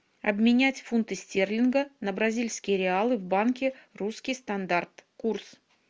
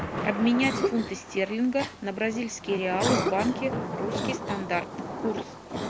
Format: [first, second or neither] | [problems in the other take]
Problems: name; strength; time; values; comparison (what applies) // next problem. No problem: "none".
first | background sound (Cough + Thunder / Rain); 3 dB below the speech